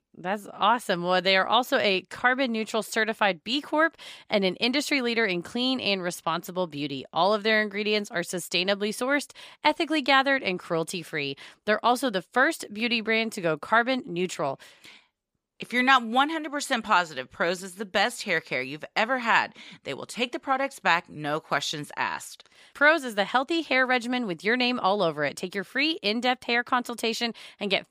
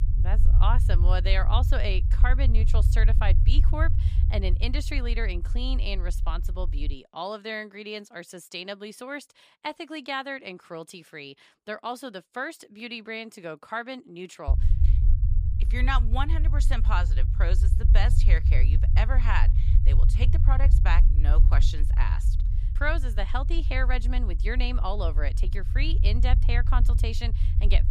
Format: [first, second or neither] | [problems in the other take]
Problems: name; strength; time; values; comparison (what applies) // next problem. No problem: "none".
first | low rumble; noticeable; until 7 s and from 14 s on; 10 dB below the speech